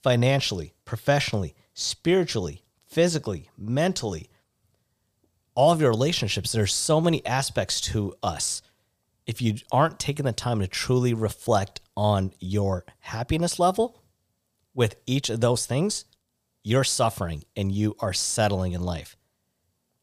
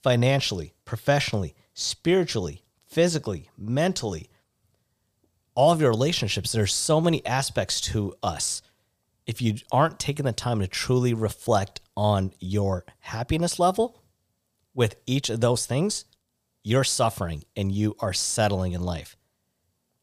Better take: neither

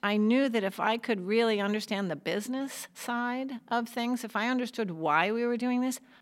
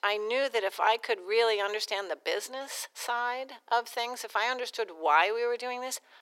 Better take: first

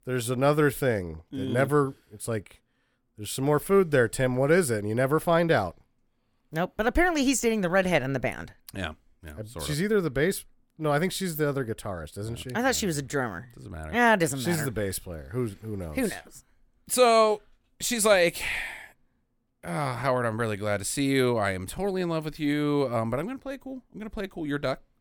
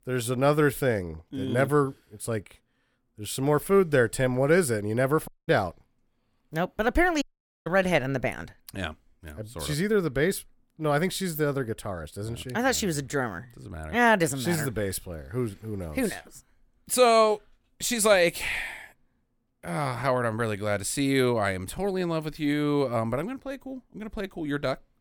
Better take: first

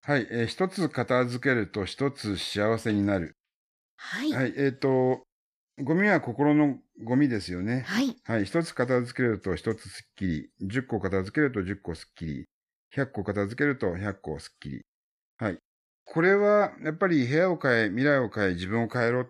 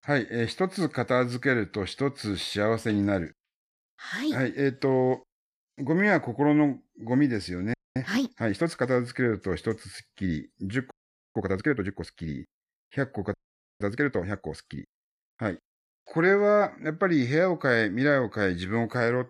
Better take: first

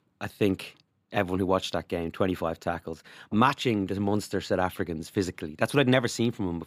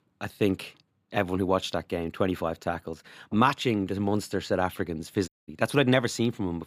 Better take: first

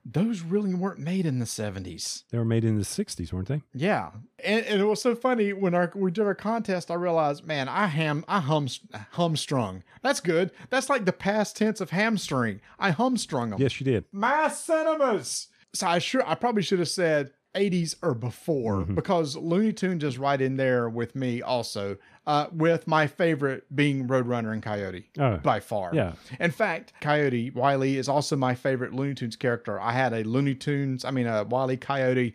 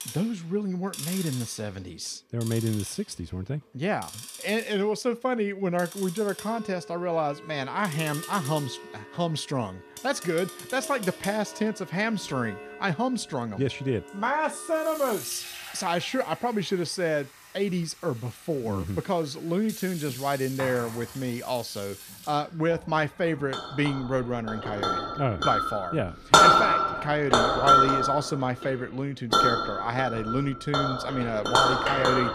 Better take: first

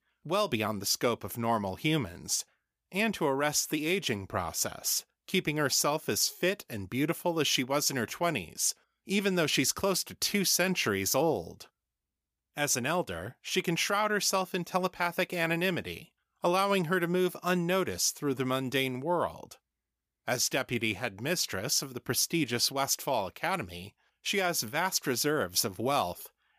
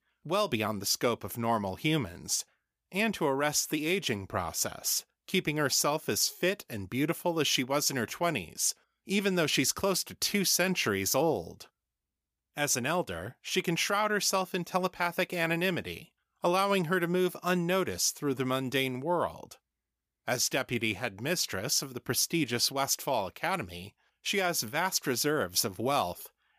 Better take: neither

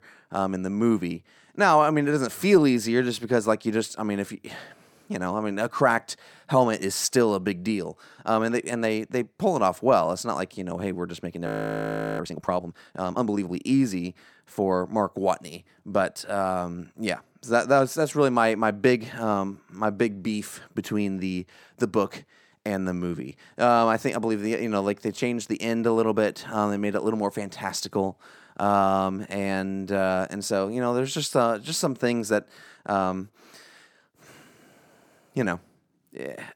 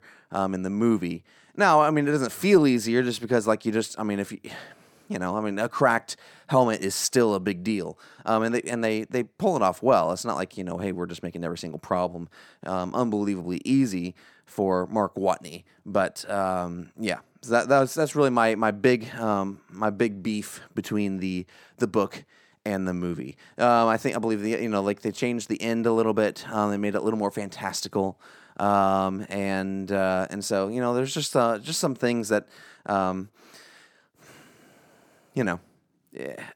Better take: second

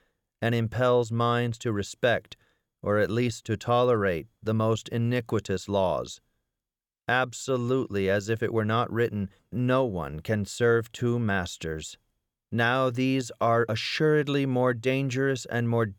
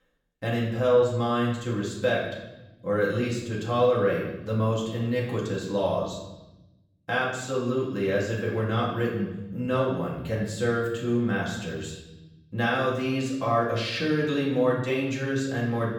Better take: first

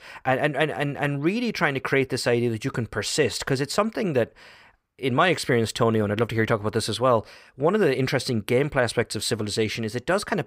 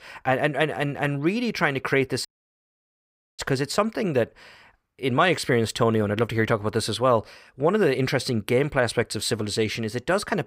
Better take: first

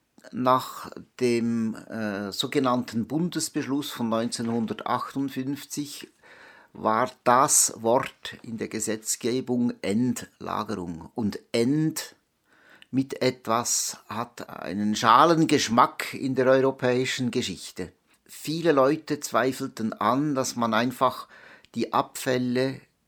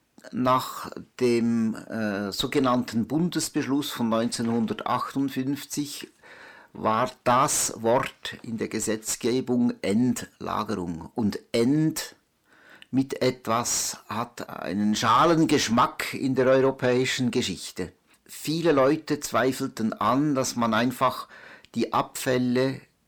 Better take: first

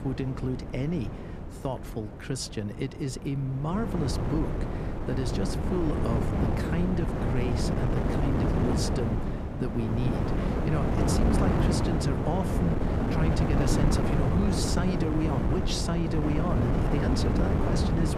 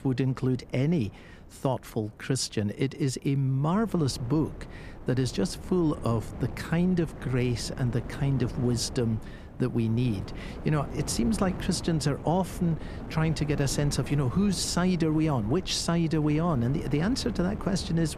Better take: second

